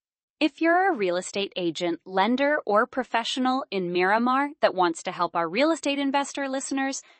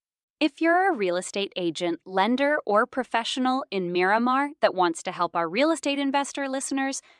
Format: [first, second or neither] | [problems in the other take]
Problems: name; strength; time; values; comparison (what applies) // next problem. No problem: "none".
second | garbled, watery; slightly; nothing above 8 kHz